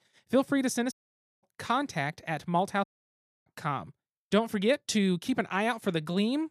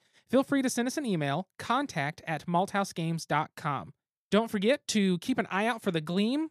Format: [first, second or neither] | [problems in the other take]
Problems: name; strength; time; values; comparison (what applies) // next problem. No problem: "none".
second | audio cutting out; at 1 s for 0.5 s and at 3 s for 0.5 s